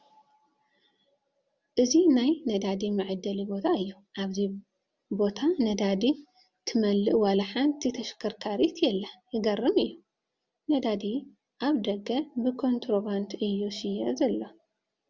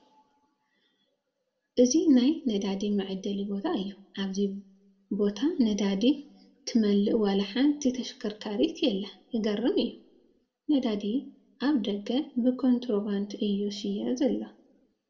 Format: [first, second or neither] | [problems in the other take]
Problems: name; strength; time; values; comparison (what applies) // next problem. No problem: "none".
first | room echo; dies away in 0.3 s